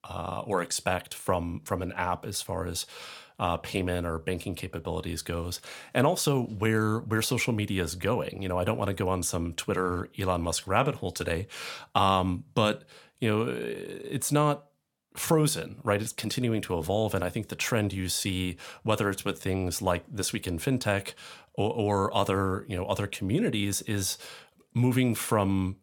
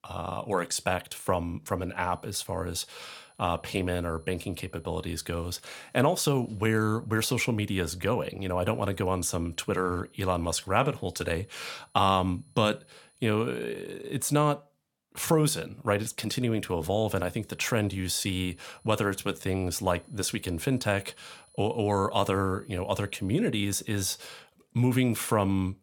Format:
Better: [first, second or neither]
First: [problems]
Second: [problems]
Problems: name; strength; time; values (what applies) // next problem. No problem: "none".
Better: first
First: none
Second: high-pitched whine; faint; from 2 to 7 s, from 8.5 to 14 s and from 17 to 23 s; 10 kHz, 30 dB below the speech